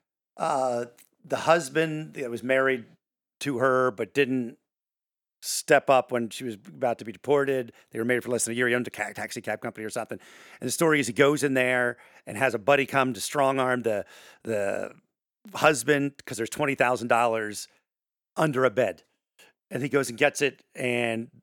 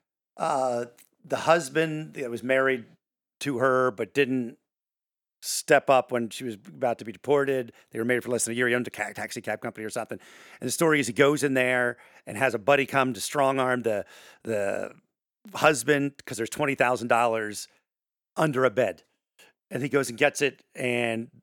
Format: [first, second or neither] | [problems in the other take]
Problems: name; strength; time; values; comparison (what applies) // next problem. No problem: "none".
neither | none